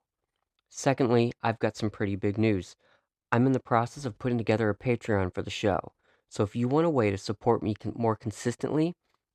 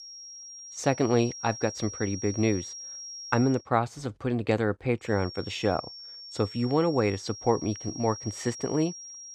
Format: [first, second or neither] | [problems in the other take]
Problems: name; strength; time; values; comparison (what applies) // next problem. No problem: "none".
first | high-pitched whine; noticeable; until 3.5 s and from 5 s on; 5.5 kHz, 10 dB below the speech